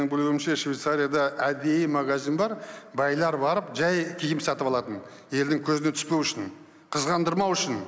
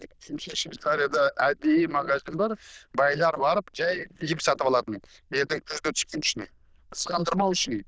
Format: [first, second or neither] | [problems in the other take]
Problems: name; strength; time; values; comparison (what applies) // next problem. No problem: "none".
first | noise reduction (neural diffusion model UNIVERSE++)